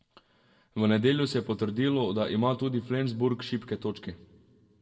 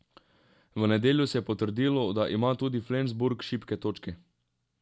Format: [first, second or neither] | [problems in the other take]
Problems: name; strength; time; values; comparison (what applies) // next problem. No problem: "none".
second | room echo; dies away in 0.8 s